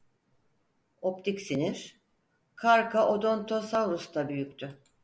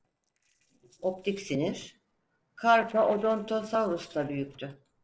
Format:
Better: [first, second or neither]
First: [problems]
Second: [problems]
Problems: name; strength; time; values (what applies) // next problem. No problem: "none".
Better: first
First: none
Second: noise reduction (neural separator model SepFormer DNS4)